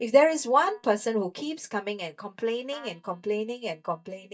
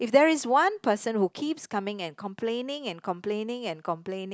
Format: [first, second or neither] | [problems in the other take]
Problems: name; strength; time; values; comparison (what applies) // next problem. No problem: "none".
second | noise reduction (neural mask model DeepFilterNet 3)